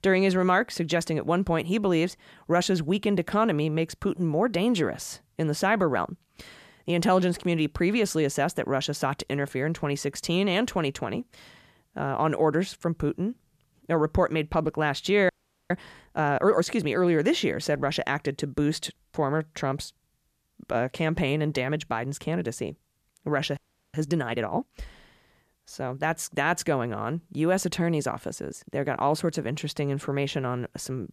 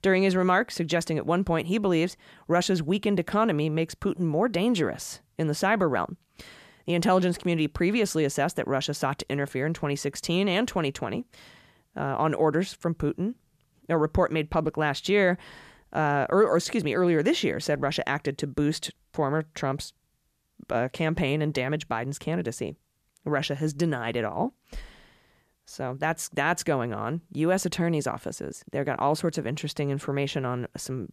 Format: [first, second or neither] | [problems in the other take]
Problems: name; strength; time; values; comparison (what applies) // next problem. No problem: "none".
second | audio freezing; at 15 s and at 24 s